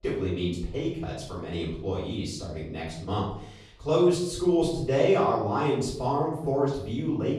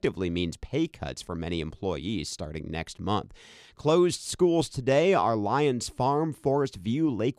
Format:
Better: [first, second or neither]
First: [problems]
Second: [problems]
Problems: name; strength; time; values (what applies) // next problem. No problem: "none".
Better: second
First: room echo; noticeable; dies away in 0.6 s // off-mic speech; far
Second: none